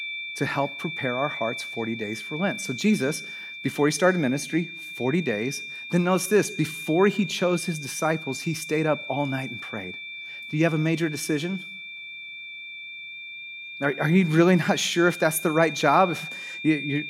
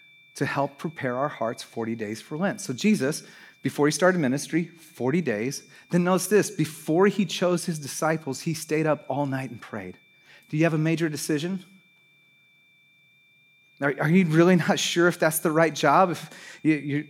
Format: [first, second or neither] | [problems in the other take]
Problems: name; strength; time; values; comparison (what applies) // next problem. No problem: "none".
second | high-pitched whine; loud; throughout; 2.5 kHz, 10 dB below the speech; faint in the second